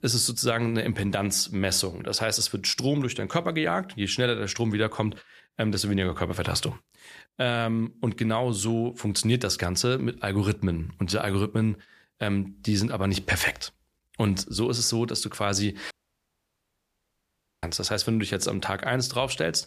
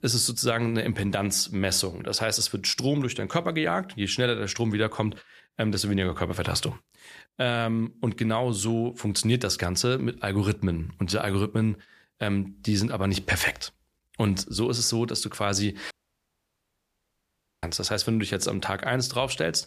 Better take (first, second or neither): neither